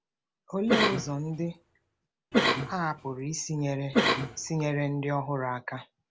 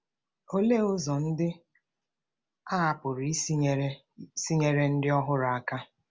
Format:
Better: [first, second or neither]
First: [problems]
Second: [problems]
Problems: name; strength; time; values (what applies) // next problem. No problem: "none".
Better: second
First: background sound (Cough); 2 dB above the speech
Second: none